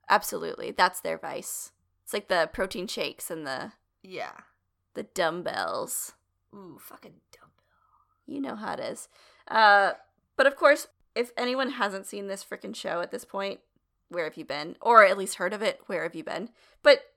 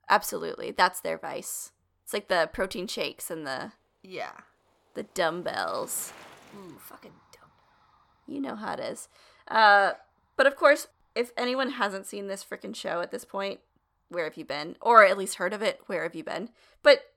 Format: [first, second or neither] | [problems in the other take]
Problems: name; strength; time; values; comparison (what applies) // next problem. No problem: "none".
first | traffic noise; faint; throughout; 30 dB below the speech